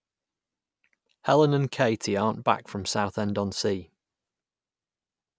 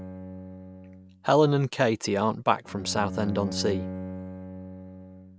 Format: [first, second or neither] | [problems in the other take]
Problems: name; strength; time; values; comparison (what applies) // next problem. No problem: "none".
first | background sound (Bowed string instrument); 11 dB below the speech